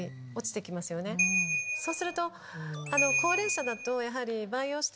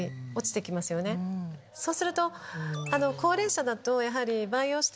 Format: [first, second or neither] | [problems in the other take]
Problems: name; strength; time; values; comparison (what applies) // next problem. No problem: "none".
second | background sound (Ringtone / Bell); 3 dB above the speech